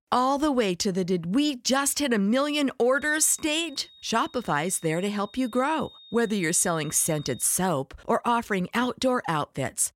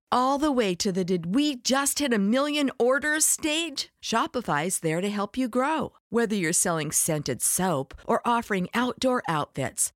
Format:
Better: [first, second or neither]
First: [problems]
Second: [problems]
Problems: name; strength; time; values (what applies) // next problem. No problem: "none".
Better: second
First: high-pitched whine; faint; from 3 to 7.5 s; 3.5 kHz, 25 dB below the speech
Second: none